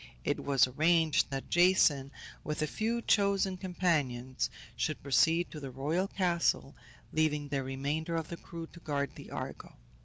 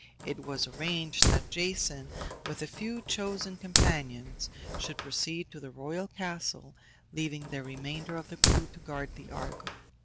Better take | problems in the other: first | background sound (Fire); 4 dB above the speech

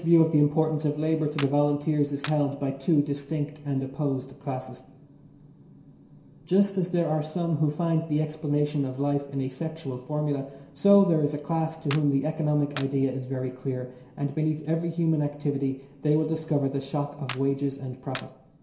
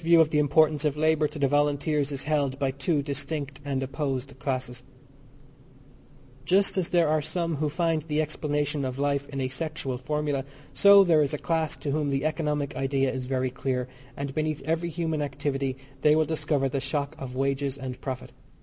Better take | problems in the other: second | background sound (Clapping); 17 dB below the speech // room echo; dies away in 0.7 s

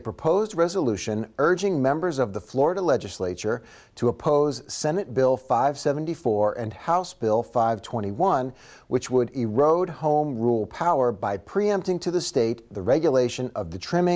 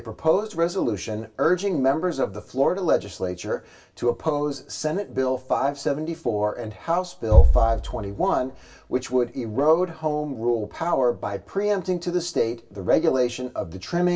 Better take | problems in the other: first | background sound (Bass drum); 5 dB below the speech // room echo; dies away in 0.2 s

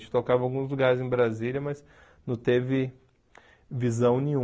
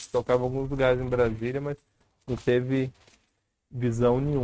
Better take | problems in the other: first | noise reduction (neural mask model RNNoise)

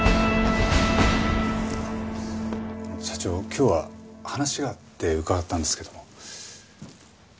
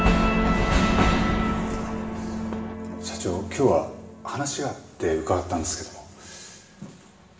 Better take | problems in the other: first | room echo; dies away in 1.1 s

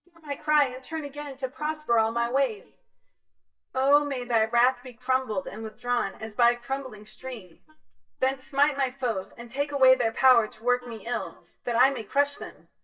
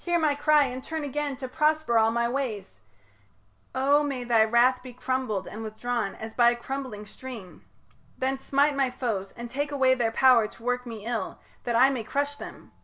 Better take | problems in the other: second | noise reduction (neural mask model DeepFilterNet 3)

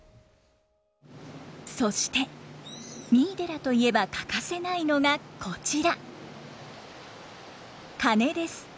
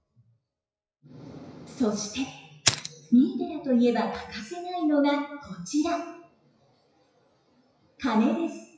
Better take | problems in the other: first | noise reduction (classical method WPE with log-MMSE)

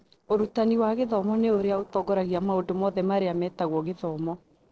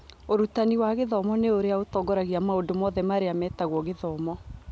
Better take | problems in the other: second | noise reduction (neural separator model SepFormer DNS4)

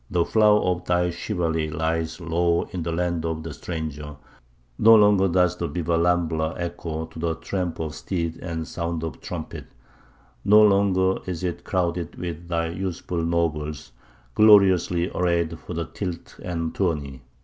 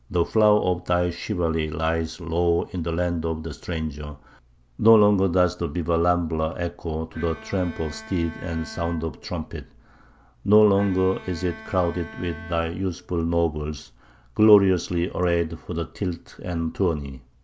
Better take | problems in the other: first | background sound (Bowed string instrument); 19 dB below the speech

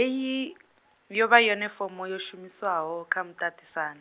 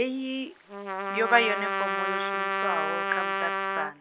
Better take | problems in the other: first | background sound (Trumpet); as loud as the speech

